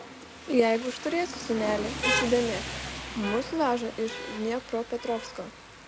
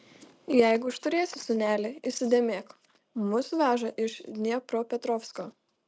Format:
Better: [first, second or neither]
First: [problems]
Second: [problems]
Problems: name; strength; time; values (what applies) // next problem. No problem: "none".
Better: second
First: background sound (Rain); 6 dB below the speech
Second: none